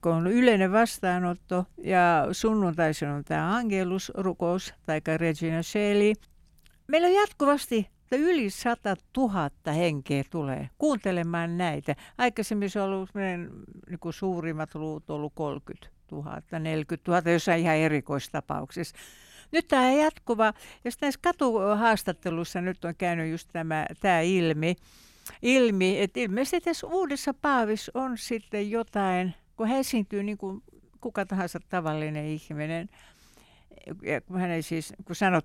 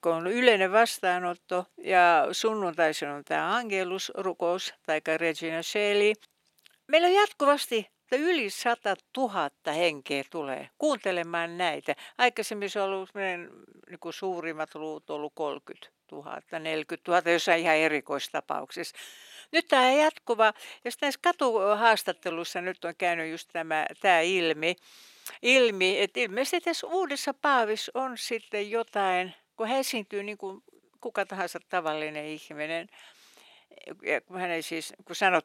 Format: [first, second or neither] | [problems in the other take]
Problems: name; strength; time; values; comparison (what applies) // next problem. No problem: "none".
first | thin; somewhat; fading below 450 Hz